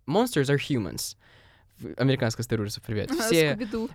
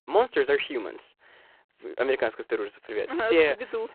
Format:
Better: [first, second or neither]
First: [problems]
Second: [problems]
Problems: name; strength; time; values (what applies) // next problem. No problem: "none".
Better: first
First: none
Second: phone-call audio; poor line; nothing above 3.5 kHz